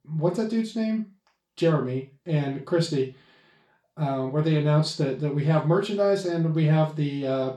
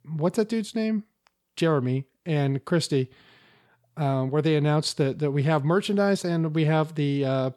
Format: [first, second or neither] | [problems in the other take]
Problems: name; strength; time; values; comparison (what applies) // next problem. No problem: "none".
second | room echo; slight; dies away in 0.3 s // off-mic speech; far